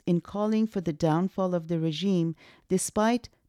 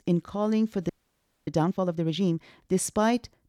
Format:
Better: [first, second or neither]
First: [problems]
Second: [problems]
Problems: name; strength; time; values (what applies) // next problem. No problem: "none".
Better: first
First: none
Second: audio freezing; at 1 s for 0.5 s